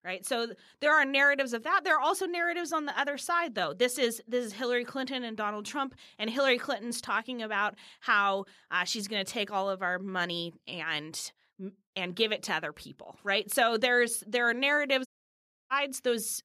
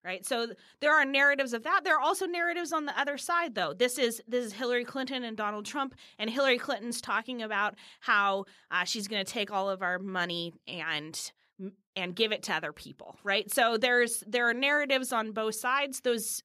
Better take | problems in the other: second | audio cutting out; at 15 s for 0.5 s

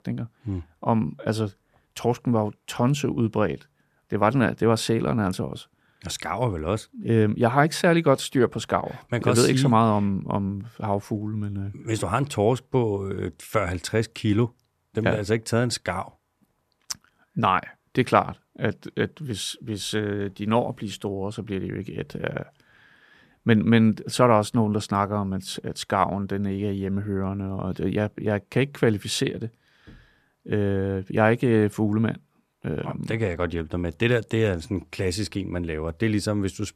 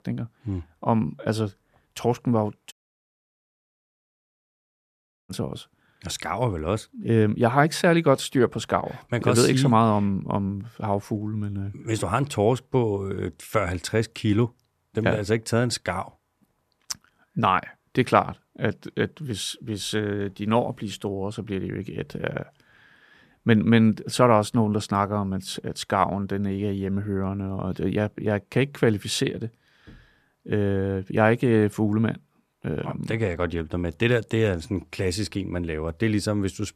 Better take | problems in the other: first | audio cutting out; at 2.5 s for 2.5 s

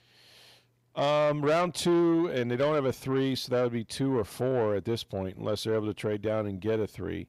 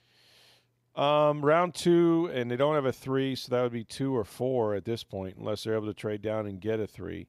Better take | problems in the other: second | distortion; slight; 10 dB below the speech

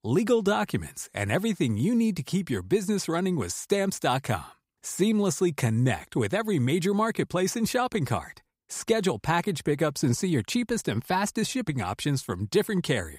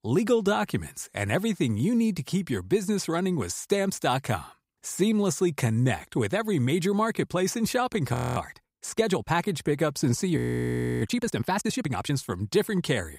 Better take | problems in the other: first | audio freezing; at 8 s and at 10 s for 0.5 s

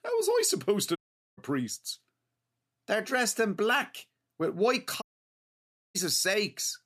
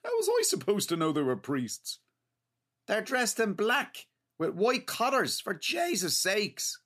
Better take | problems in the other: second | audio cutting out; at 1 s and at 5 s for 1 s

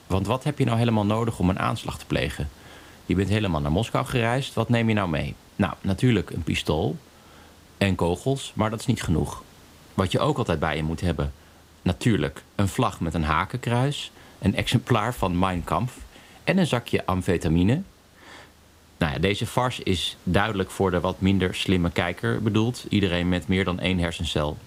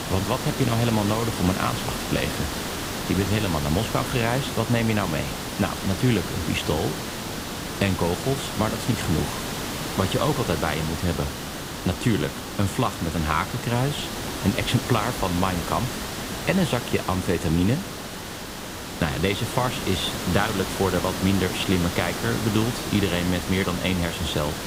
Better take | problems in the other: first | hiss; loud; throughout; 5 dB below the speech; faint in the first

